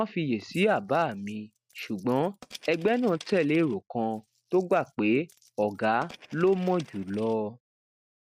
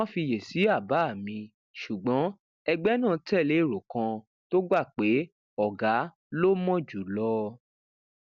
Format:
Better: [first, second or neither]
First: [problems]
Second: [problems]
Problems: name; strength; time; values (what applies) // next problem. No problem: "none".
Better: second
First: noise reduction (neural mask model RNNoise)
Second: none